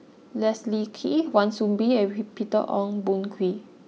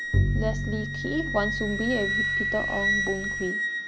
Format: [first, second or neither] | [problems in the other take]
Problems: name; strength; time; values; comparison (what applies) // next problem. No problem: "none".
first | background sound (Bowed string instrument + Wind instrument, woodwind instrument); 4 dB above the speech